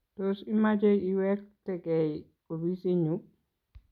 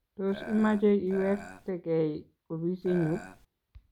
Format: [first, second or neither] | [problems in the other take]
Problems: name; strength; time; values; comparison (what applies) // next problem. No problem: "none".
first | background sound (Burping, eructation); 14 dB below the speech